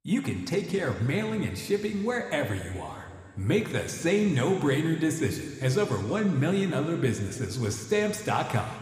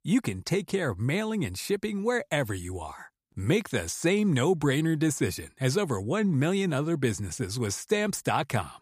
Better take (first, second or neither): second